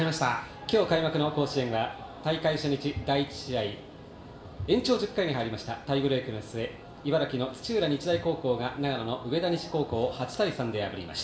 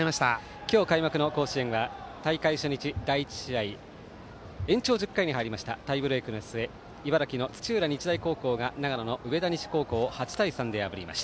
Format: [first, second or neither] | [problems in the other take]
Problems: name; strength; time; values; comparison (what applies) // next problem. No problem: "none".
second | room echo; dies away in 0.5 s